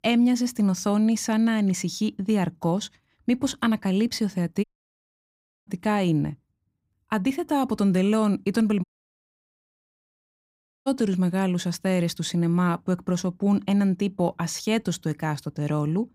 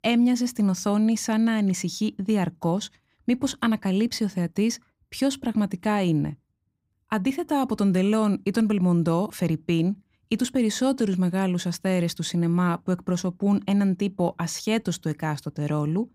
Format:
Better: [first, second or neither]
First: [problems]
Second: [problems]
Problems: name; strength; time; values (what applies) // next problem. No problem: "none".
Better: second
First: audio cutting out; at 4.5 s for 1 s and at 9 s for 2 s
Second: none